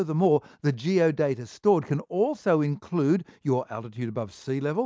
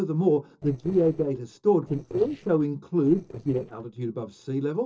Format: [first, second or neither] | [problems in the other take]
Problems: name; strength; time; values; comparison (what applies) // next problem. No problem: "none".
first | noise reduction (neural separator model SepFormer DNS4)